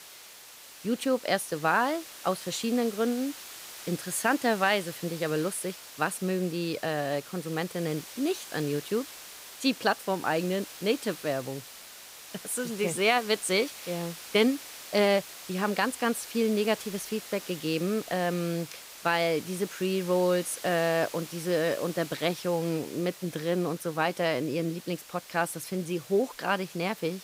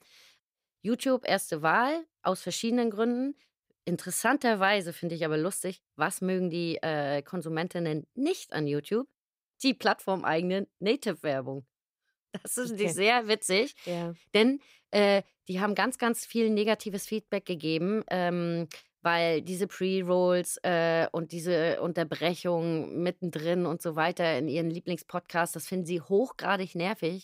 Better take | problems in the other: second | hiss; noticeable; throughout; 15 dB below the speech

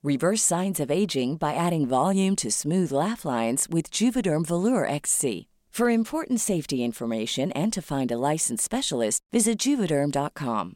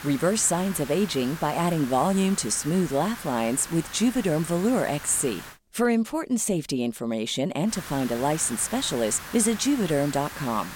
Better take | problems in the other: first | hiss; noticeable; until 5.5 s and from 7.5 s on; 15 dB below the speech

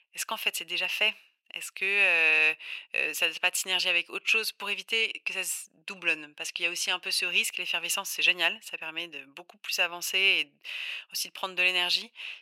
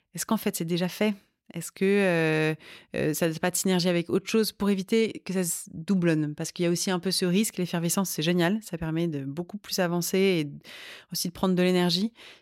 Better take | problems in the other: second | thin; very; fading below 850 Hz

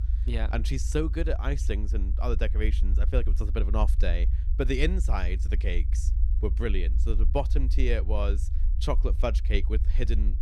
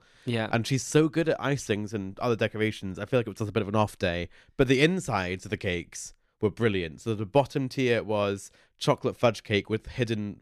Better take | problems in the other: second | low rumble; noticeable; throughout; 15 dB below the speech

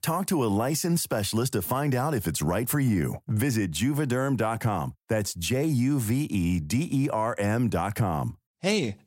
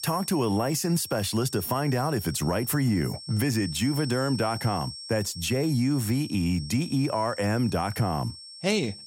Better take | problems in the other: first | high-pitched whine; noticeable; throughout; 5.5 kHz, 10 dB below the speech

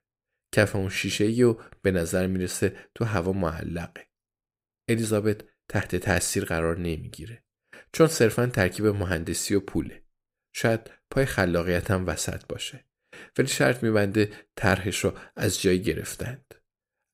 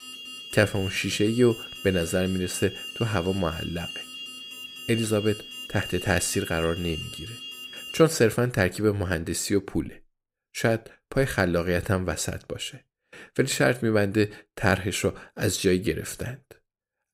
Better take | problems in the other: first | alarm; noticeable; until 8 s; peak 9 dB below the speech

